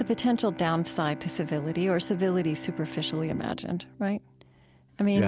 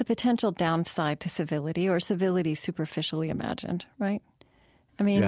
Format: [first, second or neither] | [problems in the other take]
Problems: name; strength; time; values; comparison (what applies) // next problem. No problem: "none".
second | background sound (Bowed string instrument); 14 dB below the speech